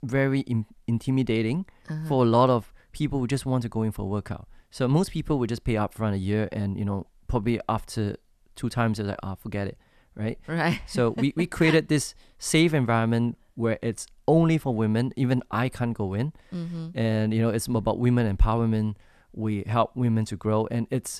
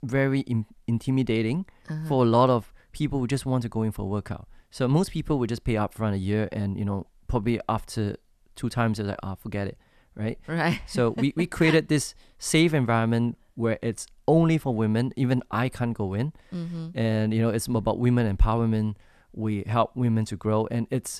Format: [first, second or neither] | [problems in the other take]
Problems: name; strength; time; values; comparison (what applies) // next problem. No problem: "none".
neither | none